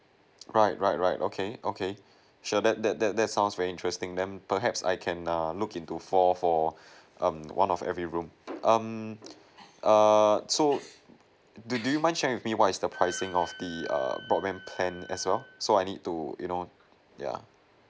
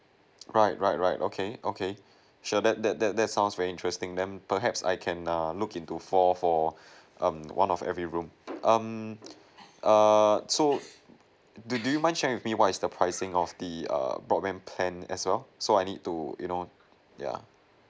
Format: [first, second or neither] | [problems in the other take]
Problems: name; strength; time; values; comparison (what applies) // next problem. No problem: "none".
second | background sound (Wind instrument, woodwind instrument); 17 dB below the speech